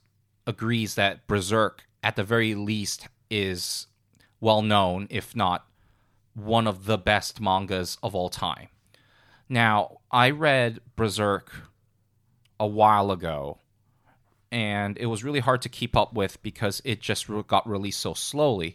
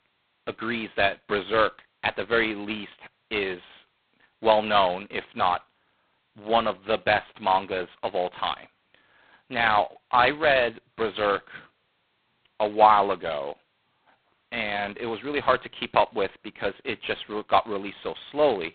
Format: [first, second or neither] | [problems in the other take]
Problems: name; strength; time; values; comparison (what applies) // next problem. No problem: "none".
first | phone-call audio; poor line; nothing above 4 kHz